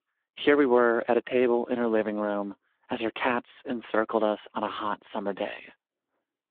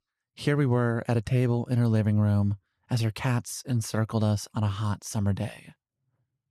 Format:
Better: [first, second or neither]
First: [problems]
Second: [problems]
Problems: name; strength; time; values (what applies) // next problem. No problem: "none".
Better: second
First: phone-call audio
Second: none